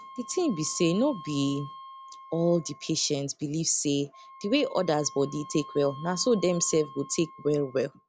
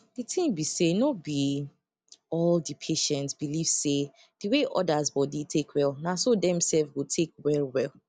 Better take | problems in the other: second | background sound (Wind instrument, woodwind instrument); 18 dB below the speech

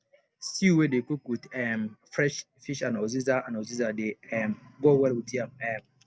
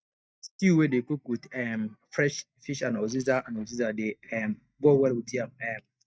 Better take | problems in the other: first | noise reduction (neural mask model DeepFilterNet 3)

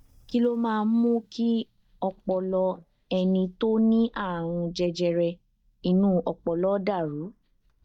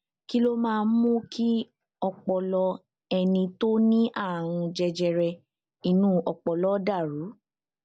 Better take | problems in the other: second | noise reduction (neural mask model DeepFilterNet 3)

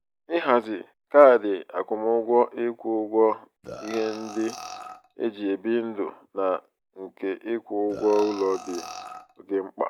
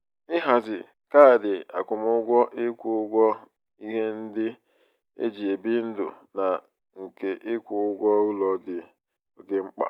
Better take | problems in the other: second | background sound (Burping, eructation); 15 dB below the speech

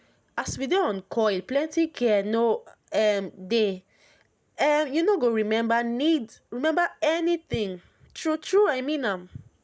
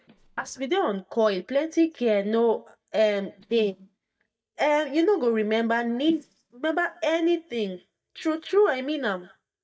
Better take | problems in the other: first | noise reduction (neural mask model DeepFilterNet 3)

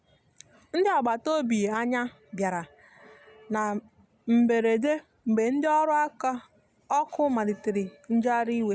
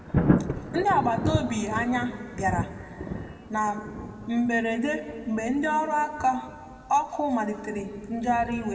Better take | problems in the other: first | background sound (Thunder); 4 dB below the speech // room echo; dies away in 2.2 s

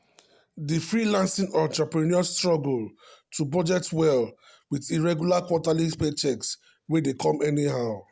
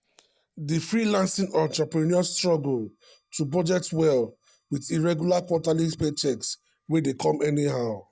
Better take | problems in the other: first | noise reduction (neural mask model DeepFilterNet 3)

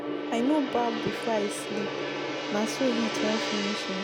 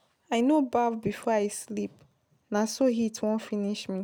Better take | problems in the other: second | background sound (Gong); 1 dB below the speech

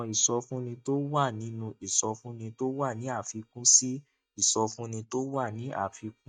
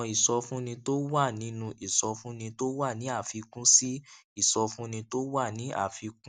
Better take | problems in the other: second | noise reduction (neural mask model DeepFilterNet 3)

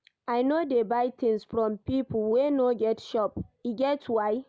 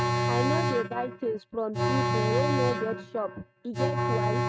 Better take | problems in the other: first | noise reduction (neural mask model RNNoise)

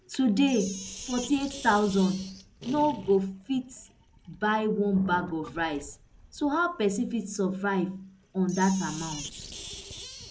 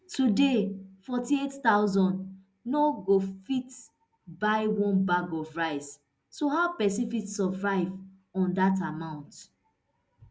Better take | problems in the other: second | background sound (Sink (filling or washing)); 15 dB below the speech

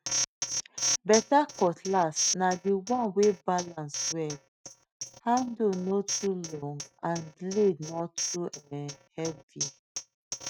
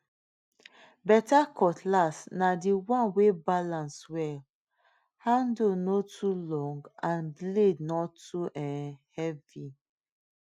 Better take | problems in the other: second | noise reduction (neural mask model RNNoise)

